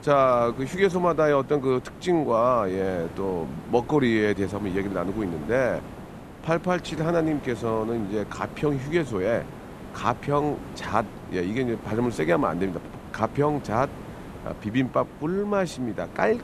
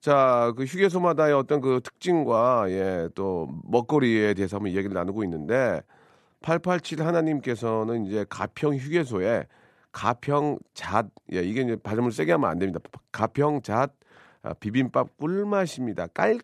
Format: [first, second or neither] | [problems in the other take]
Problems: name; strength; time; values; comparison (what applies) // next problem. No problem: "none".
second | hiss; noticeable; throughout; 15 dB below the speech